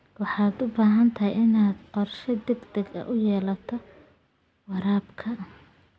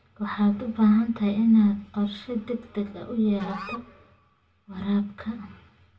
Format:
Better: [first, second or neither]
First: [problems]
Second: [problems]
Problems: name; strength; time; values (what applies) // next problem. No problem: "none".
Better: first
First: none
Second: background sound (Musical instrument); 17 dB below the speech // room echo; dies away in 0.2 s